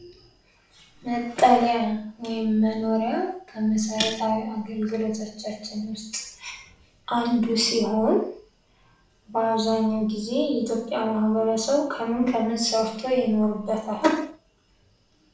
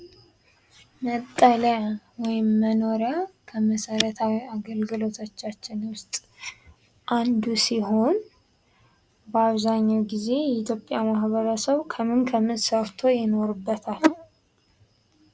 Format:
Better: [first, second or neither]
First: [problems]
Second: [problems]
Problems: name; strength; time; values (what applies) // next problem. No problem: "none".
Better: second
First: room echo; dies away in 0.5 s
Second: none